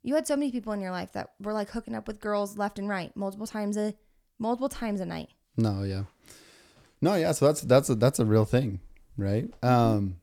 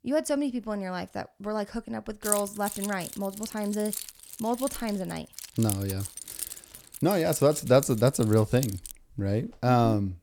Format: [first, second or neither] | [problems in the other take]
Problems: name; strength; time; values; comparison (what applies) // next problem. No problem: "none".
first | jangling keys; noticeable; from 2.5 to 9 s; peak 1 dB below the speech